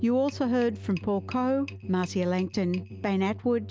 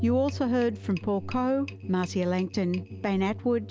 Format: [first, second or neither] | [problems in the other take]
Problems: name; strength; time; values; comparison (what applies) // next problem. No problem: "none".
first | background sound (Organ); 15 dB below the speech